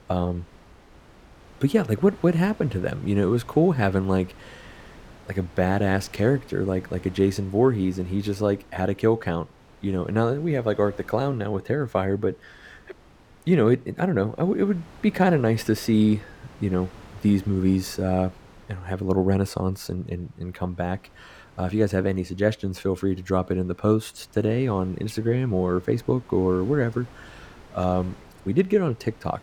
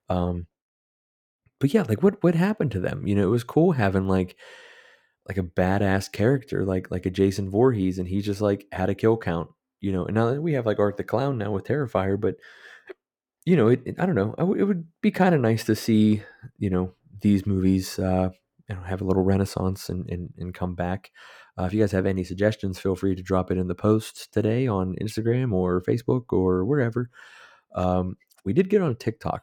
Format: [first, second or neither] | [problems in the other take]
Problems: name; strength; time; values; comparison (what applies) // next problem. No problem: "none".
second | wind noise on the microphone; occasional gusts; 25 dB below the speech